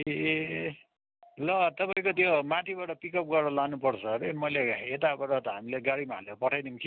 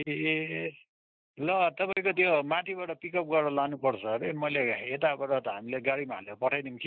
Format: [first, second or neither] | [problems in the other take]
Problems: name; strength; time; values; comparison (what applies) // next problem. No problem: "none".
first | noise reduction (neural mask model Resemble Enhance denoiser)